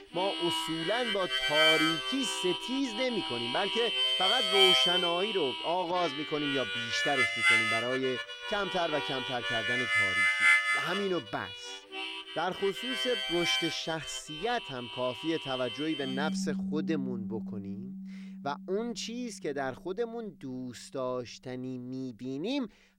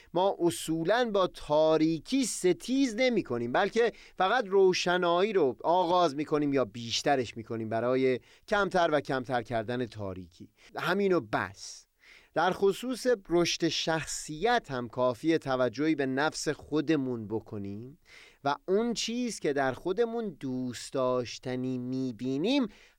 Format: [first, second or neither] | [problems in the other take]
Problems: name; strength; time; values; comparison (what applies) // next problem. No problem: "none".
second | background music; very loud; throughout; 5 dB above the speech